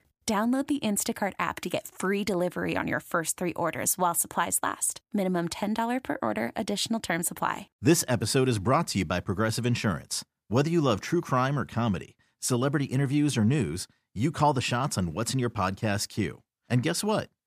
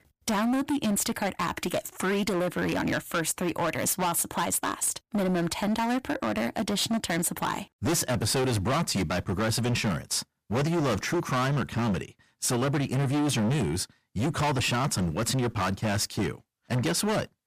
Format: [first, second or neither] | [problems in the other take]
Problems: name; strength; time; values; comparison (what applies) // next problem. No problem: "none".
first | distortion; heavy; 24% of the sound clipped